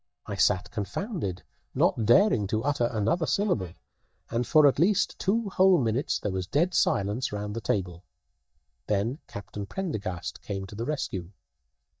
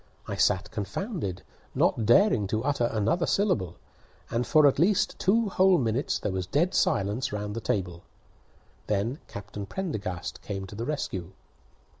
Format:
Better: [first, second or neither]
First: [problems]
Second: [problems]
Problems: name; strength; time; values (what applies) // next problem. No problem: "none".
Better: second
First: noise reduction (neural mask model DeepFilterNet 3)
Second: none